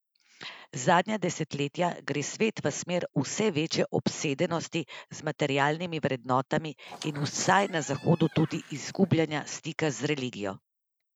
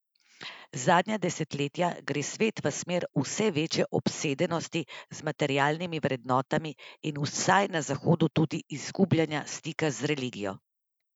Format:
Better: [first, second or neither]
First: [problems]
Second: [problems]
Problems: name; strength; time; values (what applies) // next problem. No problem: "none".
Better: second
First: background sound (Squeak); 19 dB below the speech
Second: none